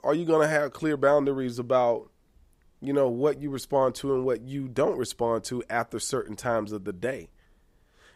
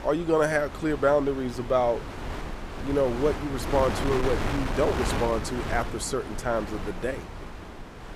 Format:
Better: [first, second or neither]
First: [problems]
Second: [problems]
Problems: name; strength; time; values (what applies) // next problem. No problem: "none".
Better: first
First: none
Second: wind noise on the microphone; heavy; 8 dB below the speech